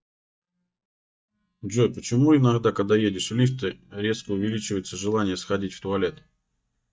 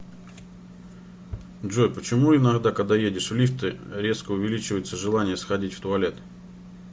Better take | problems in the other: second | noise reduction (neural mask model DeepFilterNet 3)

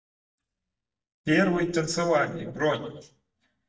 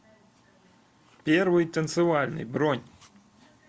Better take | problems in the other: second | noise reduction (neural mask model DeepFilterNet 3)

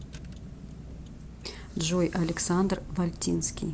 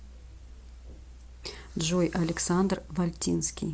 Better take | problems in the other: second | background sound (Car); 13 dB below the speech

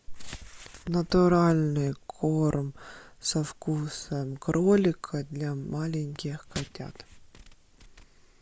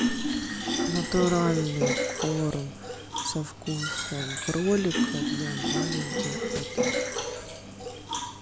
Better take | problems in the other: first | background sound (Fill (with liquid)); as loud as the speech

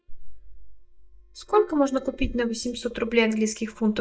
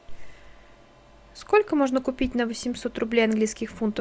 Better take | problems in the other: second | noise reduction (neural mask model DeepFilterNet 3)

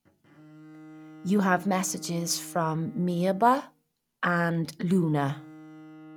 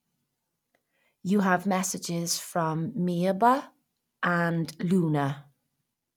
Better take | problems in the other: second | background sound (Bowed string instrument); 20 dB below the speech

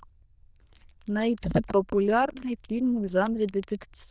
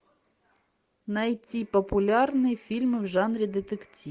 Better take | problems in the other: second | noise reduction (neural diffusion model UNIVERSE++)

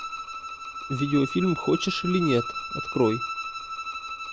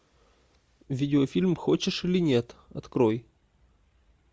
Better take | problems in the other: second | background sound (Bowed string instrument); 6 dB below the speech

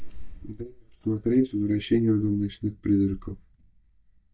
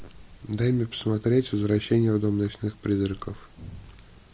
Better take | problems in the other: second | noise reduction (neural mask model DeepFilterNet 3)

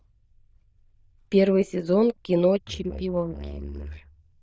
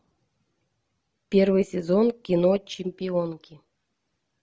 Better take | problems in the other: second | noise reduction (neural diffusion model UNIVERSE++)

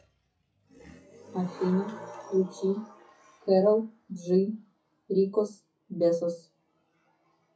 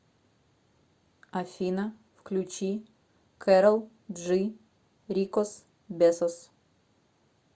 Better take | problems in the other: second | noise reduction (classical method WPE with log-MMSE)

